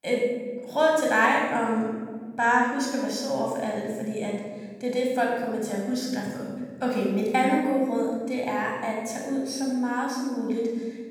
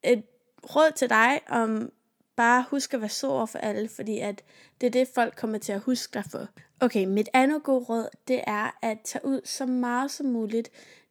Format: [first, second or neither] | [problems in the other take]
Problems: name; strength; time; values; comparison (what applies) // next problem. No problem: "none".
second | off-mic speech; far // room echo; noticeable; dies away in 1.9 s